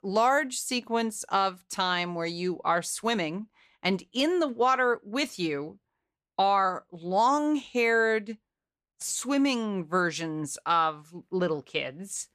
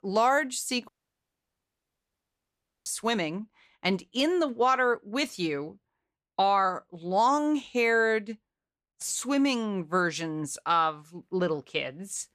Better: first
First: none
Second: audio cutting out; at 1 s for 2 s

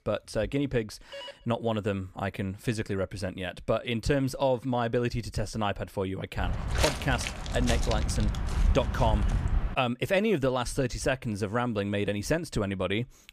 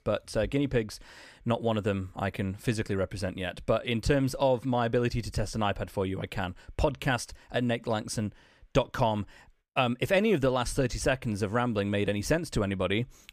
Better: second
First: phone ringing; faint; at 1 s; peak 10 dB below the speech // footsteps; loud; from 6.5 to 10 s; peak 1 dB above the speech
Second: none

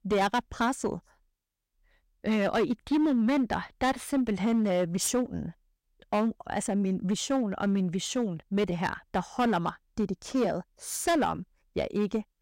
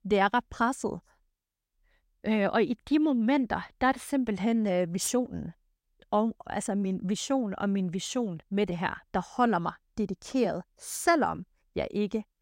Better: second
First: distortion; slight; 7% of the sound clipped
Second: none

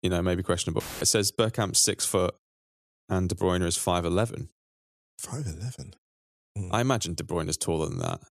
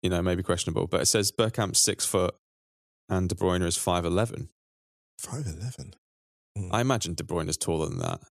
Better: second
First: audio cutting out; filled with static; at 1 s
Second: none

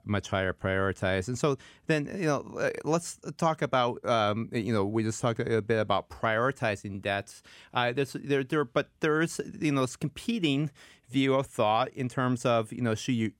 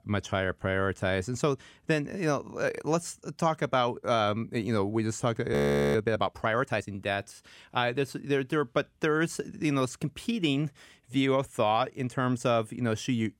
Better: first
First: none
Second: audio freezing; at 5.5 s

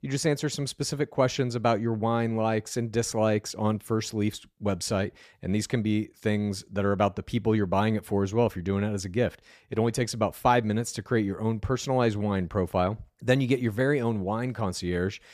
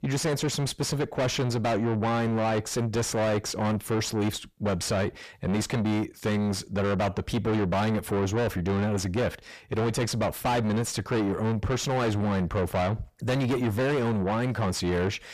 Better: first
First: none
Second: distortion; heavy; 5 dB below the speech

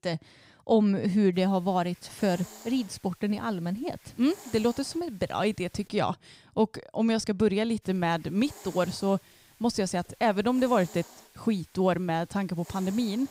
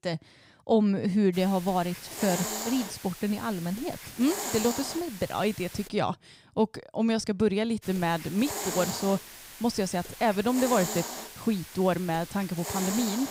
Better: first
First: hiss; faint; from 1.5 to 6 s and from 8 s on; 20 dB below the speech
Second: hiss; loud; from 1.5 to 6 s and from 8 s on; 8 dB below the speech

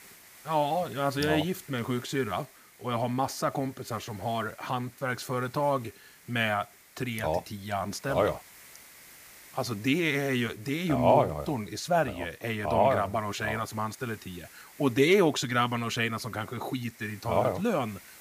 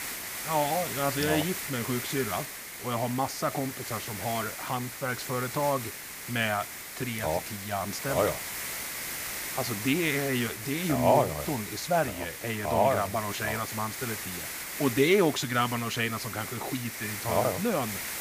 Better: first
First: hiss; faint; throughout; 20 dB below the speech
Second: hiss; loud; throughout; 6 dB below the speech

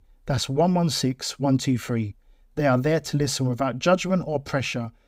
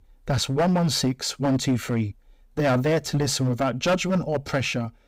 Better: first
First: none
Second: distortion; slight; 9% of the sound clipped

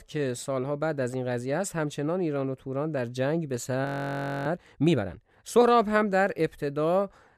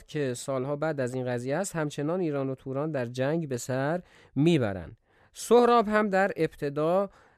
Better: second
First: audio freezing; at 4 s for 0.5 s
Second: none

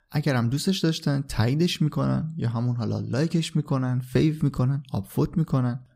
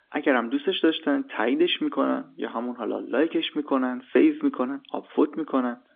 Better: first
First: none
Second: phone-call audio; nothing above 3.5 kHz

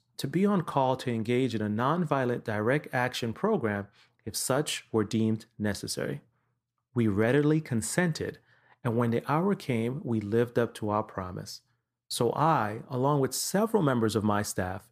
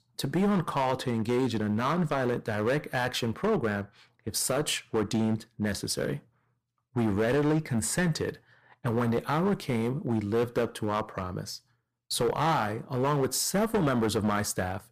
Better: first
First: none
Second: distortion; heavy; 9% of the sound clipped

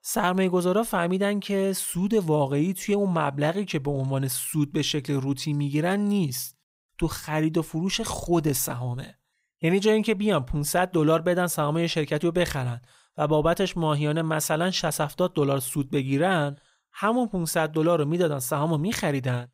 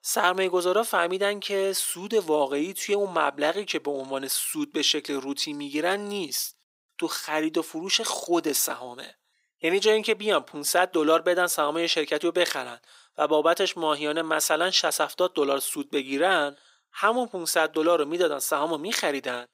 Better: first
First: none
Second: thin; somewhat; fading below 300 Hz

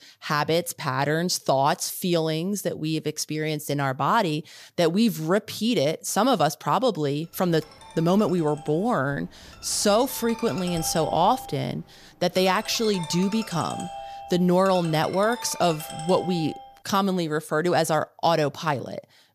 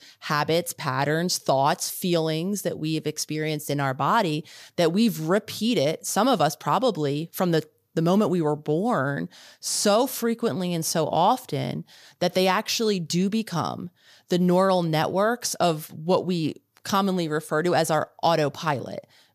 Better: second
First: phone ringing; noticeable; from 7.5 to 17 s; peak 9 dB below the speech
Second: none

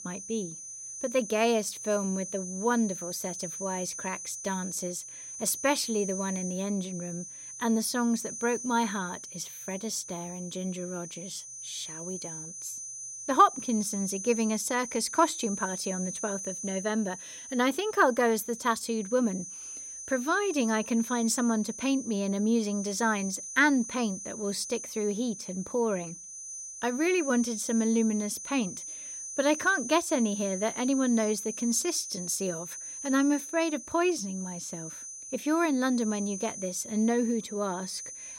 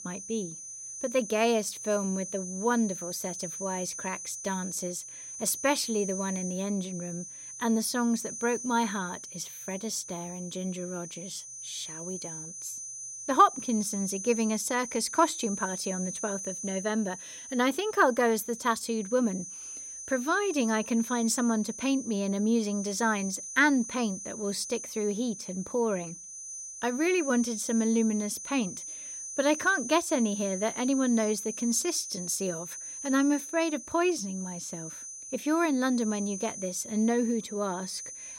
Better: neither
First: high-pitched whine; loud; throughout; 6 kHz, 8 dB below the speech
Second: high-pitched whine; loud; throughout; 6 kHz, 8 dB below the speech

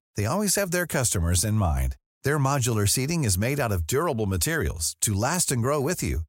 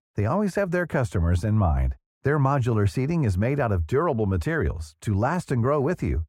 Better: first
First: none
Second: muffled; very; fading above 3 kHz

